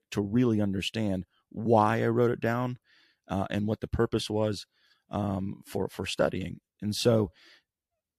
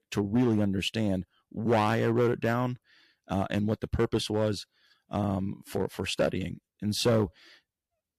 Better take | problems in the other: first | distortion; slight; 3% of the sound clipped

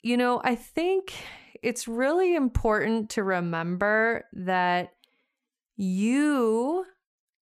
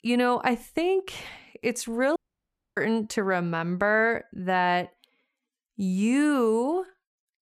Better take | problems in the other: first | audio cutting out; at 2 s for 0.5 s

